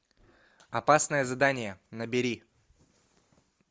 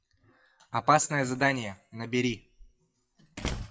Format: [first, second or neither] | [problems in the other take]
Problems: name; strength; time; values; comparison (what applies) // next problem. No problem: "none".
first | noise reduction (classical method WPE with log-MMSE)